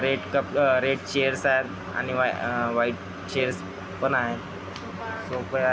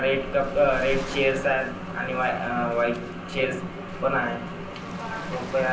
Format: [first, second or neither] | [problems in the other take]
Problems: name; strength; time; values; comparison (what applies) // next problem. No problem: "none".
first | background sound (Waves, surf); 13 dB below the speech // room echo; dies away in 0.6 s